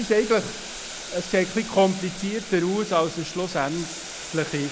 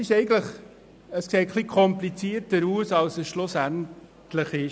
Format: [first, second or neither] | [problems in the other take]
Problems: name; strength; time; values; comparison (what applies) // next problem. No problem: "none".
second | background sound (Boiling); 12 dB below the speech